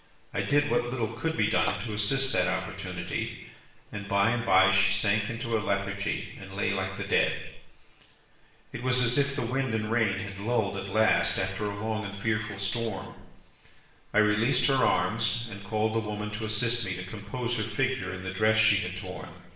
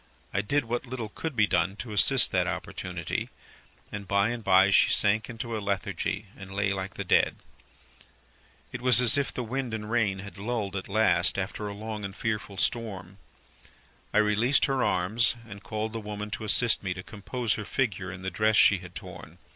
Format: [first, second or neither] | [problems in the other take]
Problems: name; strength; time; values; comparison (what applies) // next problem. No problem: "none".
second | background sound (Splash, splatter); 14 dB below the speech // room echo; dies away in 0.9 s